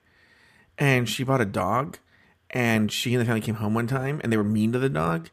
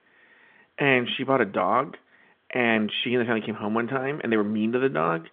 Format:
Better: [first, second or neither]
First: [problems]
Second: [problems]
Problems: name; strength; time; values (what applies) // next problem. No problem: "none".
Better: first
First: none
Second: phone-call audio; nothing above 3.5 kHz